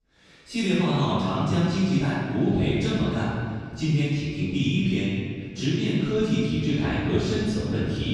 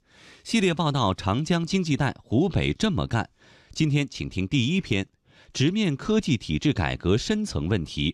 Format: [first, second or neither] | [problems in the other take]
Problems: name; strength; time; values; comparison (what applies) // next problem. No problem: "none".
second | off-mic speech; far // room echo; strong; dies away in 1.9 s